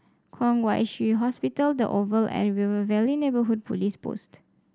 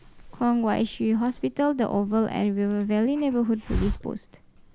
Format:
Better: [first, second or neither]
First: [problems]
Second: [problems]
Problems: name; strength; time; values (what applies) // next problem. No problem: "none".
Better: first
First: none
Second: background sound (Hiss); 13 dB below the speech